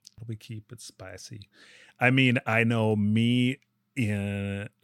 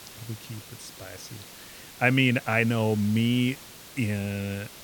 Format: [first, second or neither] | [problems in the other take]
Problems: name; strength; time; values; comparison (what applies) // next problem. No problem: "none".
first | hiss; noticeable; throughout; 20 dB below the speech